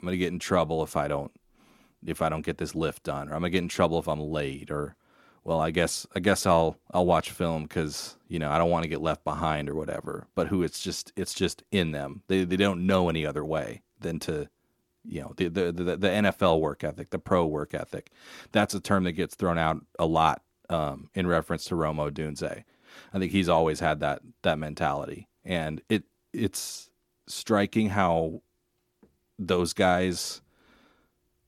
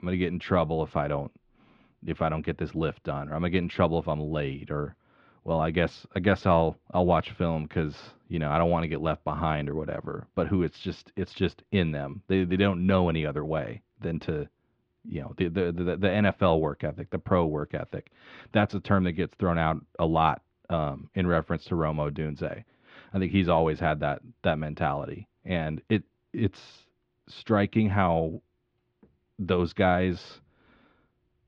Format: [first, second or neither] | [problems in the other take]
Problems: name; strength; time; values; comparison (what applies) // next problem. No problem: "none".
first | muffled; slightly; fading above 3.5 kHz